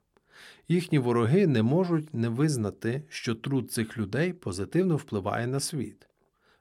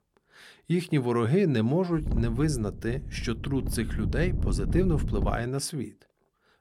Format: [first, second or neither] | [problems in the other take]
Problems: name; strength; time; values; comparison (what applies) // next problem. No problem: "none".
first | wind noise on the microphone; occasional gusts; from 2 to 5.5 s; 15 dB below the speech